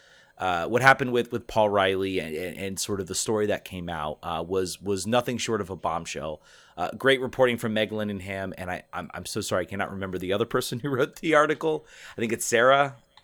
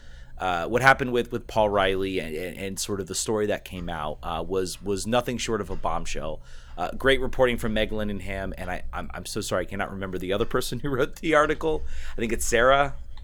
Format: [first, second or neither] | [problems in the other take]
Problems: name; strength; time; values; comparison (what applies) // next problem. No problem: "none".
first | household noises; noticeable; throughout; 20 dB below the speech